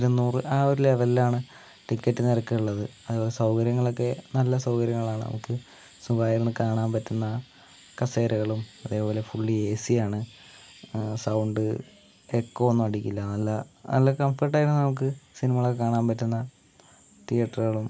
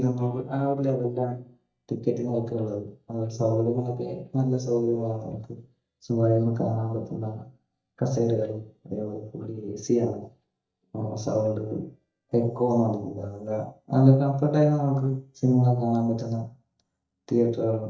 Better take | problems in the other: first | noise reduction (neural mask model DeepFilterNet 3)

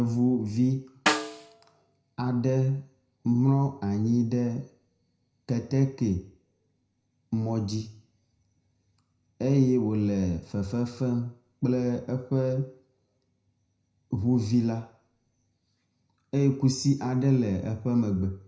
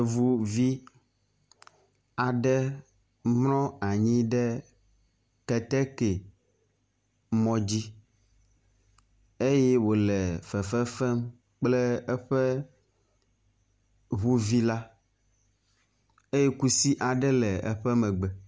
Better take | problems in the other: second | background sound (Snare drum); 6 dB below the speech // room echo; dies away in 0.5 s

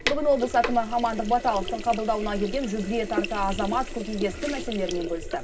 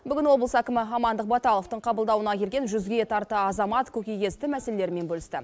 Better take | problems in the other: second | background sound (Sink (filling or washing)); 6 dB below the speech // room echo; dies away in 0.4 s

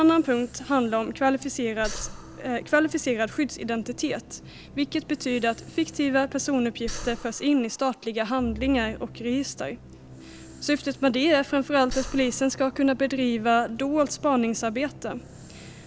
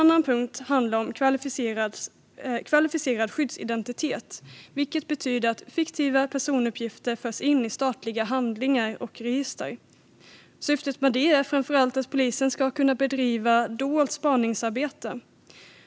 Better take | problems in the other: second | background sound (Breathing + Musical instrument); 16 dB below the speech

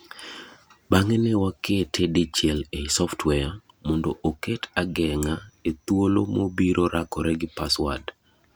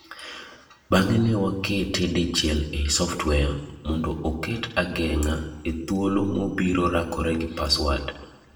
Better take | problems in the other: first | room echo; dies away in 0.8 s

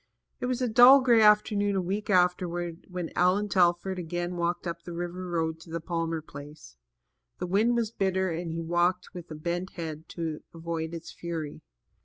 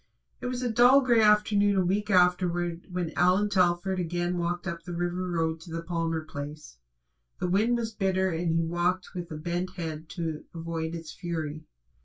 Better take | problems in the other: first | room echo; dies away in 0.1 s

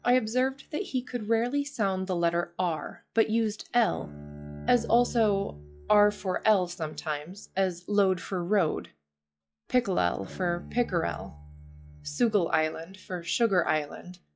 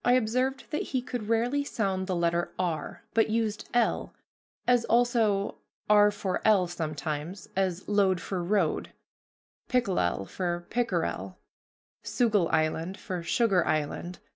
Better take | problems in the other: second | noise reduction (classical method log-MMSE)

